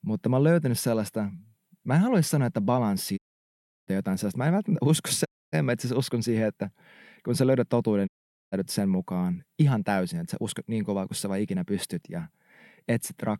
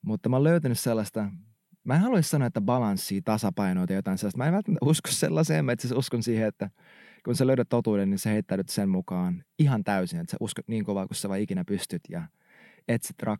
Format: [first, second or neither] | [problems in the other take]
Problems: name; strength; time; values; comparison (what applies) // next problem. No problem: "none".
second | audio cutting out; at 3 s for 0.5 s, at 5.5 s and at 8 s